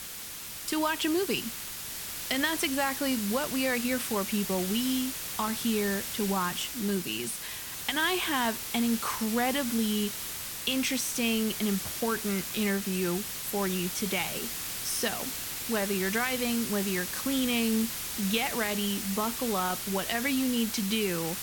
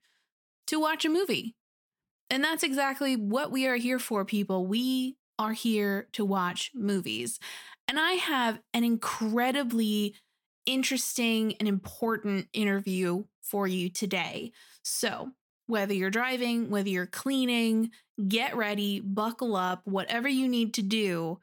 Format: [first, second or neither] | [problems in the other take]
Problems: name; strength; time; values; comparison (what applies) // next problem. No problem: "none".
second | hiss; loud; throughout; 4 dB below the speech